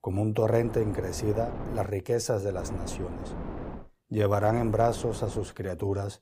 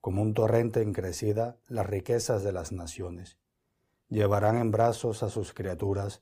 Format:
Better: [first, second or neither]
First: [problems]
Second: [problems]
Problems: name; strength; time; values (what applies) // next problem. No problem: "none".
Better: second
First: wind noise on the microphone; occasional gusts; from 0.5 to 2 s, from 2.5 to 4 s and from 4.5 to 5.5 s; 15 dB below the speech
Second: none